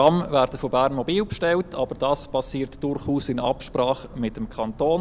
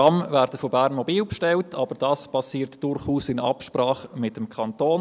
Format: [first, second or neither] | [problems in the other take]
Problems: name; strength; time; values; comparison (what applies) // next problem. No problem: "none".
second | background sound (Boat, Water vehicle); 19 dB below the speech